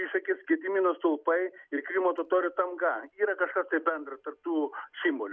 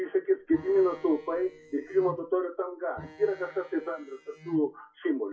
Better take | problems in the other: first | noise reduction (classical method WPE with log-MMSE)

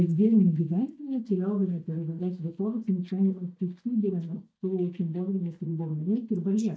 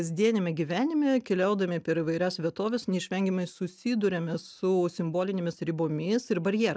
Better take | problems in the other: second | noise reduction (neural mask model DeepFilterNet 3)

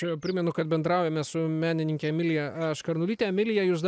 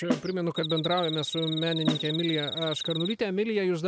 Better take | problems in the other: first | background sound (Snare drum + Cricket); 5 dB below the speech

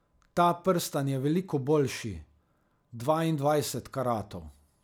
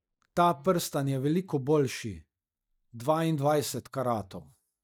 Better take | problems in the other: first | noise reduction (neural mask model DeepFilterNet 3)

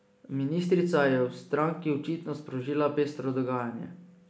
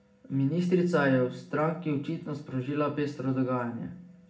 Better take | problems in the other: first | room echo; dies away in 0.4 s

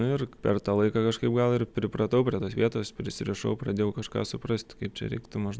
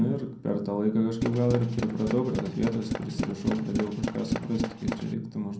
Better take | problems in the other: first | background sound (Tools); 5 dB below the speech // room echo; dies away in 0.5 s

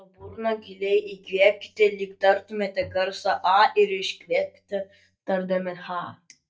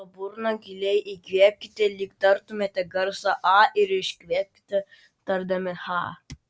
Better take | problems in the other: second | noise reduction (neural mask model DeepFilterNet 3)

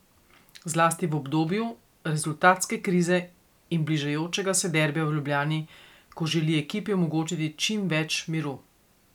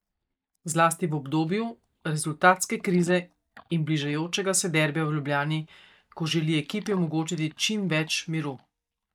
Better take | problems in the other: first | noise reduction (neural mask model DeepFilterNet 3)

